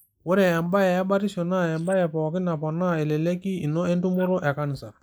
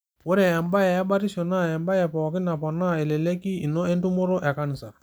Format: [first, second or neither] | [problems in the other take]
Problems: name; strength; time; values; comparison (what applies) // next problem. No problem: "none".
second | noise reduction (neural mask model Resemble Enhance denoiser)